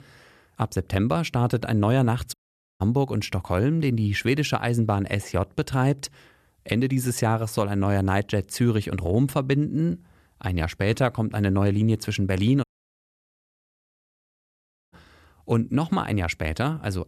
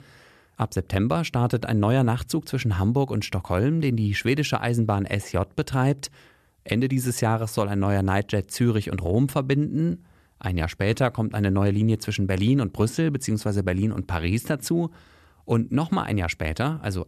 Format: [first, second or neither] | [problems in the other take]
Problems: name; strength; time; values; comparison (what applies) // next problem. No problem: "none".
second | audio cutting out; at 2.5 s and at 13 s for 2.5 s